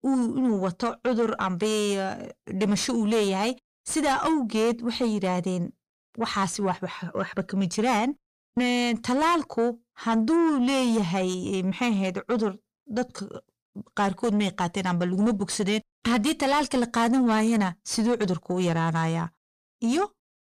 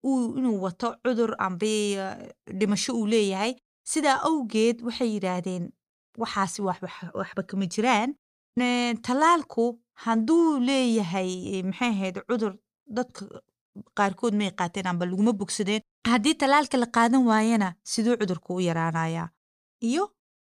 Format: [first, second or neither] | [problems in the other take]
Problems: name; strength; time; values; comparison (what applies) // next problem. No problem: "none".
second | distortion; slight; 10 dB below the speech